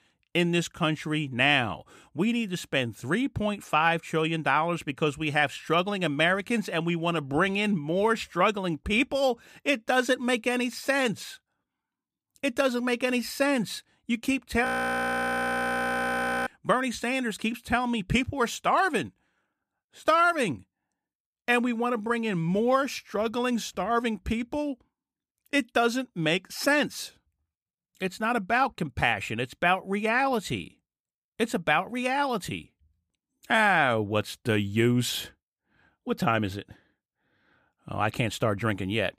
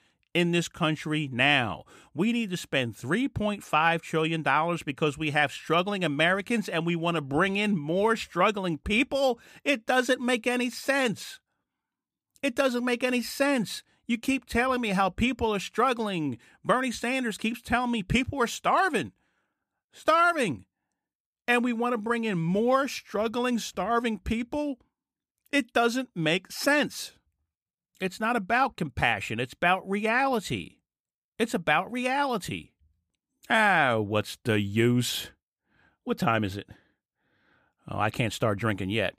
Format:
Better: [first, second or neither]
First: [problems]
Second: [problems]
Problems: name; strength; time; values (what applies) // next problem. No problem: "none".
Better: second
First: audio freezing; at 15 s for 2 s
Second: none